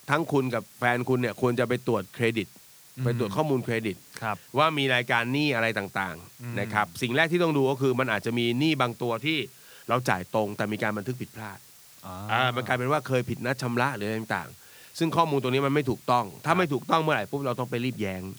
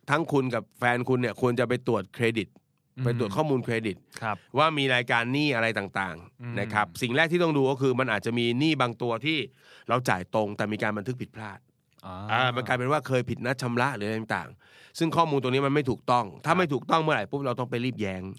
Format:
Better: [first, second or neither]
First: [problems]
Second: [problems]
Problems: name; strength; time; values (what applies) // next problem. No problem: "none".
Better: second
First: hiss; faint; throughout; 20 dB below the speech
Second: none